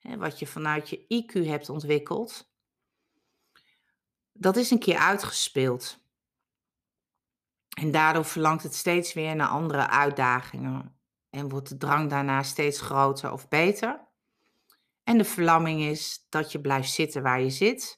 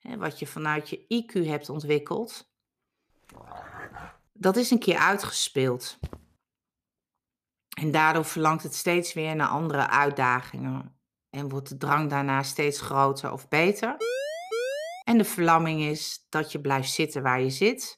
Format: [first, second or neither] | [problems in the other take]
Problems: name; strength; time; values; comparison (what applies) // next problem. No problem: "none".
first | dog barking; faint; at 3.5 s; peak 15 dB below the speech // footsteps; faint; at 6 s; peak 15 dB below the speech // siren; noticeable; from 14 to 15 s; peak 4 dB below the speech